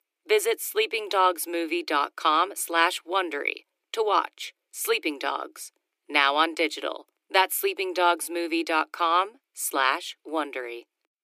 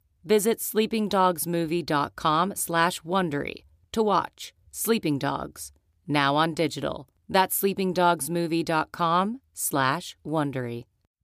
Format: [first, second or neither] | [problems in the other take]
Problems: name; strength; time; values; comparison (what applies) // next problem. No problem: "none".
second | thin; very; fading below 300 Hz